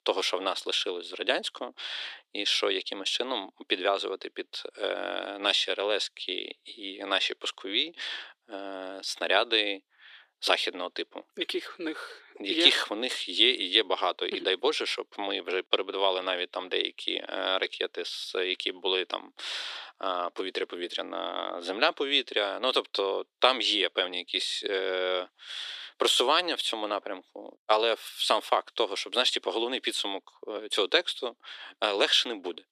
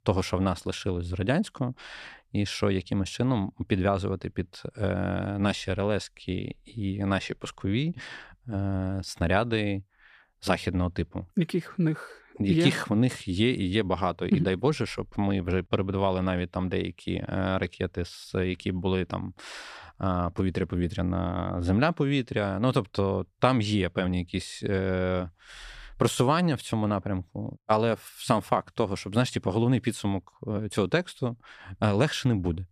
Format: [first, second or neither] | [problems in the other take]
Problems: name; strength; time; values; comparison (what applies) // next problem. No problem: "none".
second | thin; very; fading below 350 Hz